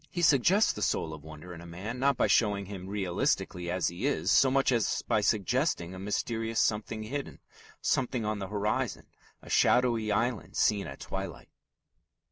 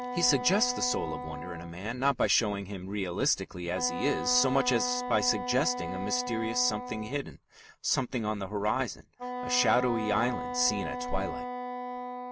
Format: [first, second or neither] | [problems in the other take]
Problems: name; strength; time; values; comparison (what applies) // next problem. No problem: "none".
first | background sound (Wind instrument, woodwind instrument); 6 dB below the speech